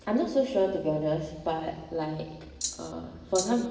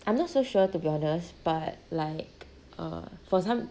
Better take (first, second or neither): second